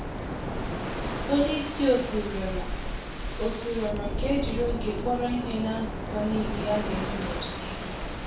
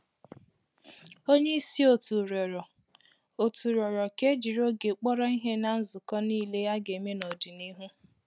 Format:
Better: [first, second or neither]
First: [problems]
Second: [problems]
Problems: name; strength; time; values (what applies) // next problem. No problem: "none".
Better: second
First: background sound (Waves, surf); 2 dB below the speech // room echo; dies away in 0.5 s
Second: none